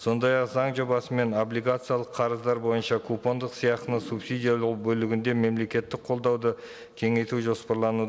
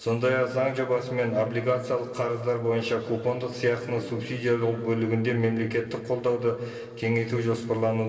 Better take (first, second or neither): first